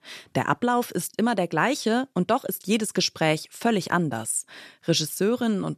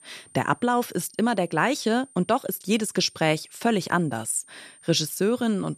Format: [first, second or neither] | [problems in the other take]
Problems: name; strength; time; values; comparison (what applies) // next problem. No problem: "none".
first | high-pitched whine; faint; throughout; 9 kHz, 25 dB below the speech